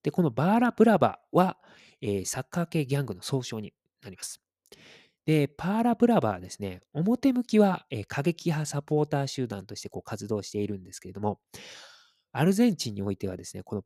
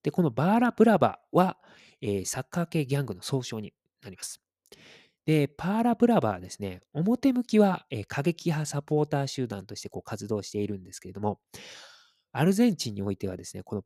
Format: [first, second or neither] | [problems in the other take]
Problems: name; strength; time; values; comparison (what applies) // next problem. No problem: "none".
neither | none